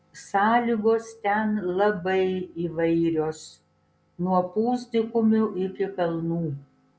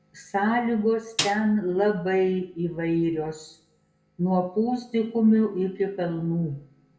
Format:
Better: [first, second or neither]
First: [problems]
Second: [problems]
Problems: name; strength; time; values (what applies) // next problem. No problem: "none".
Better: first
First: none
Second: background sound (Snare drum); 7 dB below the speech // room echo; dies away in 0.5 s